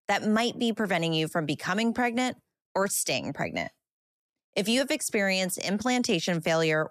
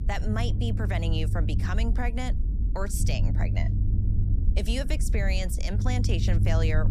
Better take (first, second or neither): first